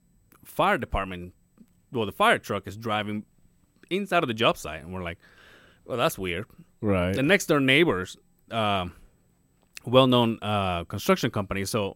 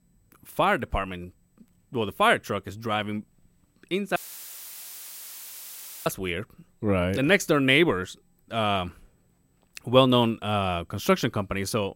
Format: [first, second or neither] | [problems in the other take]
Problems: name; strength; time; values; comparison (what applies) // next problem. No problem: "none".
first | audio cutting out; filled with static; at 4 s for 2 s